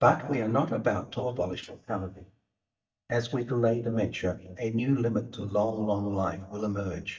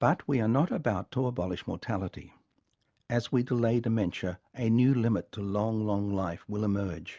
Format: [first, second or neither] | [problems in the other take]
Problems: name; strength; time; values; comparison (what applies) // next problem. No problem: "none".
second | noise reduction (neural mask model DeepFilterNet 3)